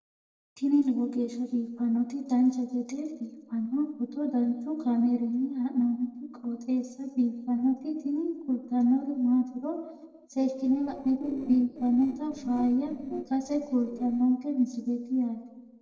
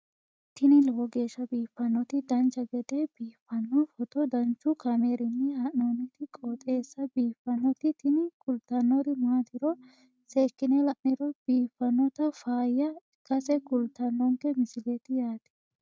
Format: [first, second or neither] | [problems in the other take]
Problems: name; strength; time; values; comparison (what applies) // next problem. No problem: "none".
second | noise reduction (neural separator model SepFormer DNS4)